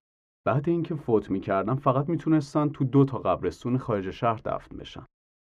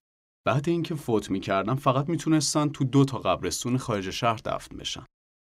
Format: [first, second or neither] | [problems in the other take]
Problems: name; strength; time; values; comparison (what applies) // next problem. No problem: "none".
second | muffled; very; fading above 3 kHz